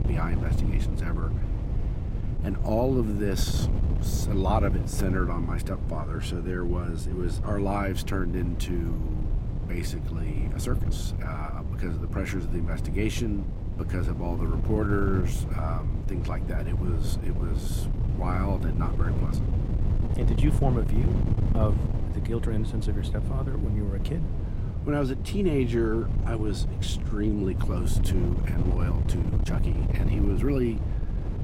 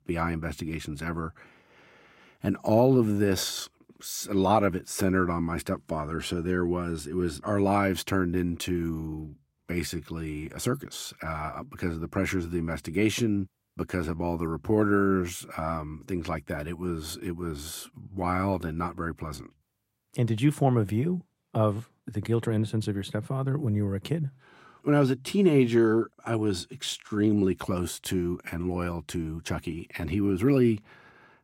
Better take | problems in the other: second | wind noise on the microphone; heavy; 7 dB below the speech

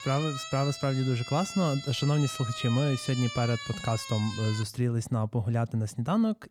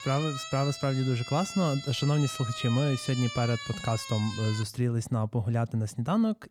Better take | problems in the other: neither | siren; noticeable; until 4.5 s; peak 7 dB below the speech; the same in both

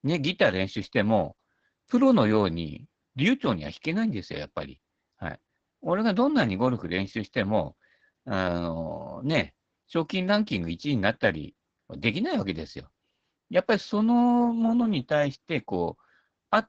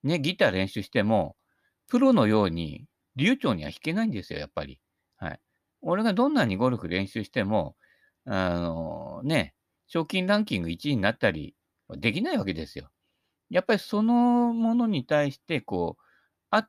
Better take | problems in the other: second | garbled, watery; badly; nothing above 7 kHz

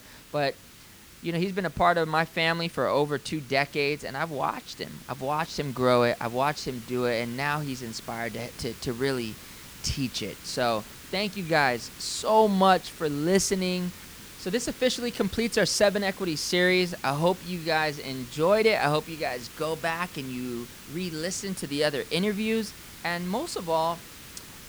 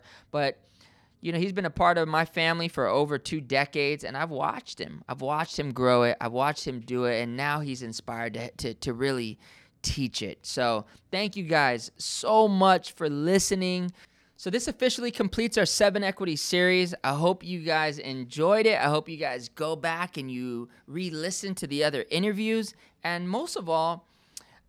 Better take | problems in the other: second | hiss; noticeable; throughout; 15 dB below the speech

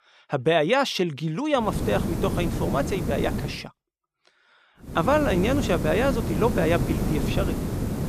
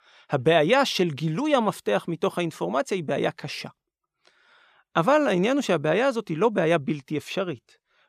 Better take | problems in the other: second | hiss; loud; from 1.5 to 3.5 s and from 5 s on; 3 dB below the speech

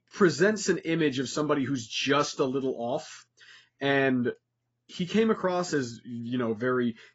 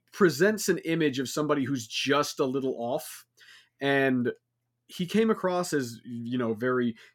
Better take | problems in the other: second | garbled, watery; badly; nothing above 7.5 kHz

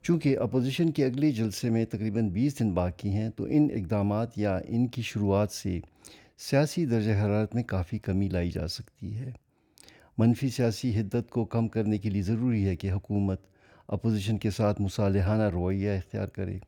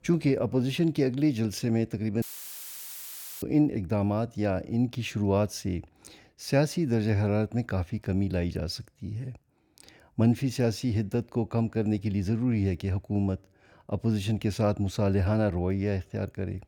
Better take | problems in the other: first | audio cutting out; filled with static; at 2 s for 1 s

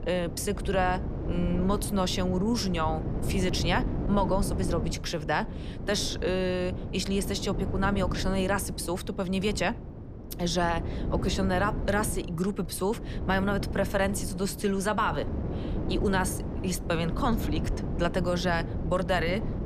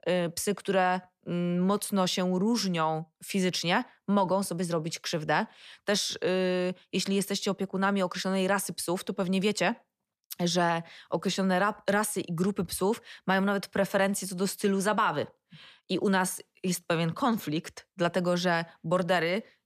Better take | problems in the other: second | wind noise on the microphone; occasional gusts; 10 dB below the speech

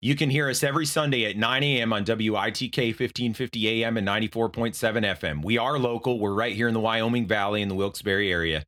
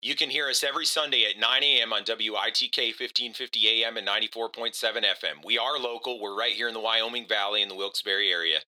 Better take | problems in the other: first | thin; very; fading below 450 Hz

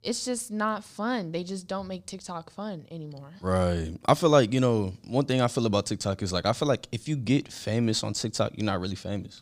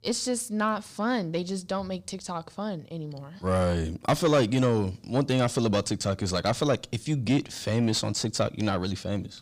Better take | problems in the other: first | distortion; slight; 10 dB below the speech

